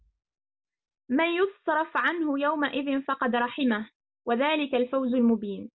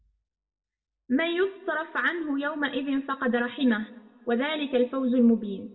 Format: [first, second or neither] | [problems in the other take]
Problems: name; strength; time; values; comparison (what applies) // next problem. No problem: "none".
first | room echo; dies away in 1.4 s